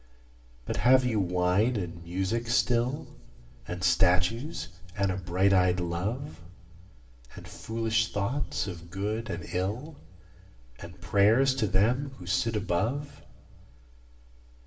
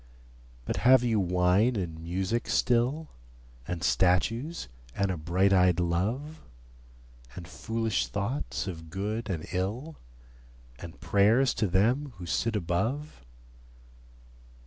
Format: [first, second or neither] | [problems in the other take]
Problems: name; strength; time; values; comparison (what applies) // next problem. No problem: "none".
second | room echo; dies away in 0.8 s